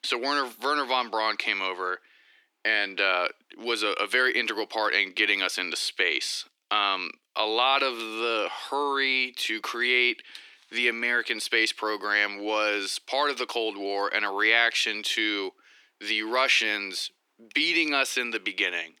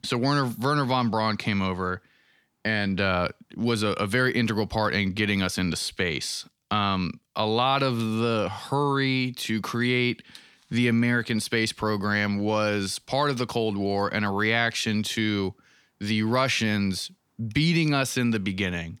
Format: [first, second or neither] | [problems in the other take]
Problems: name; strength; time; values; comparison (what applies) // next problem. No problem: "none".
second | thin; very; fading below 300 Hz